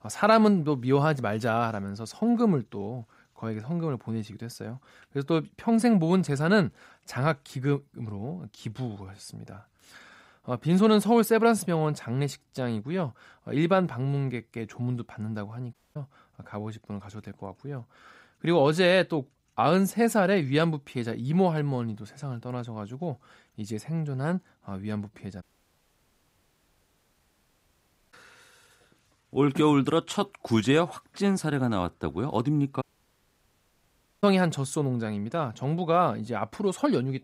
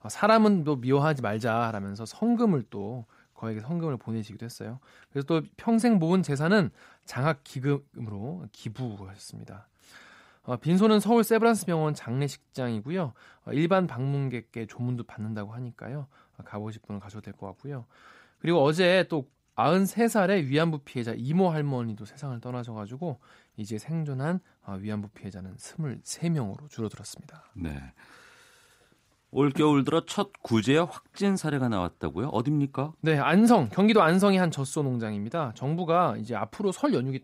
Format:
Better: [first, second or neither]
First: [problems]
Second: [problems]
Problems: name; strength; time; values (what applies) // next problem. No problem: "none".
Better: second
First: audio cutting out; at 16 s, at 25 s for 2.5 s and at 33 s for 1.5 s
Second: none